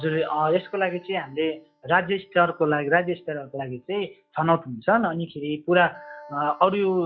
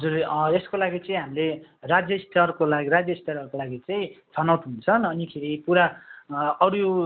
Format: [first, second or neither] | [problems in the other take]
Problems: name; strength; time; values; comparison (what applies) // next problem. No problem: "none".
second | noise reduction (classical method log-MMSE)